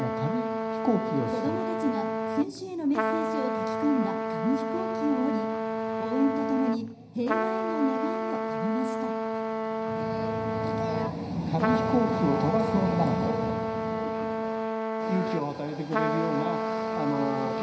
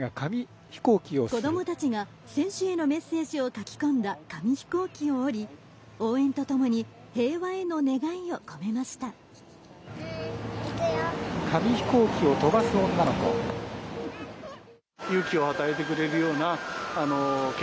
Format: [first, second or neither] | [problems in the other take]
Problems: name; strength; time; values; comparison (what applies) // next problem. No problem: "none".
second | background sound (Trumpet); as loud as the speech // room echo; dies away in 0.9 s